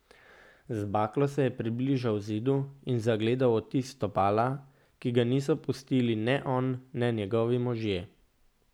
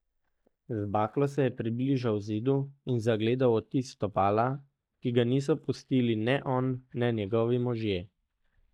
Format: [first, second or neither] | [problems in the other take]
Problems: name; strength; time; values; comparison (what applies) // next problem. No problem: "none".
first | noise reduction (neural mask model DeepFilterNet 3)